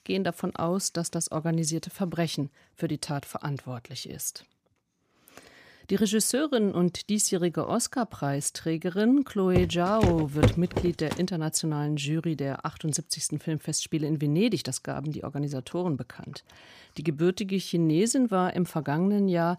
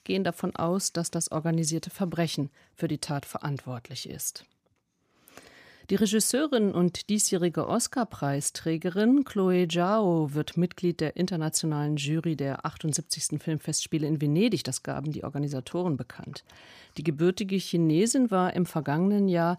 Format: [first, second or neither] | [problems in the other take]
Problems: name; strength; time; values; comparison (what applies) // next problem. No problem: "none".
second | footsteps; loud; from 9.5 to 11 s; peak 3 dB above the speech